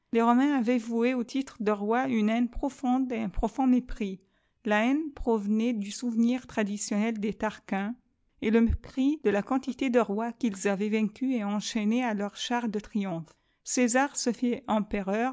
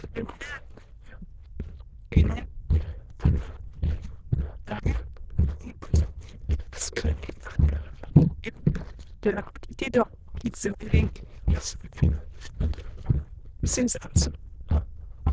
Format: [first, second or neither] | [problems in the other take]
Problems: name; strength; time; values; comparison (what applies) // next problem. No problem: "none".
first | noise reduction (neural diffusion model UNIVERSE++)